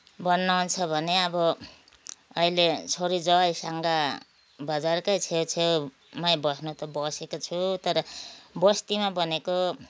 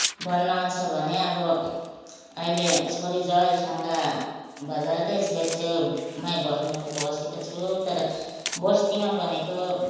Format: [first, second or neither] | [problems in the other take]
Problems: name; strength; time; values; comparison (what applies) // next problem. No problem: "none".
first | background sound (Tearing); 12 dB below the speech // room echo; dies away in 1.2 s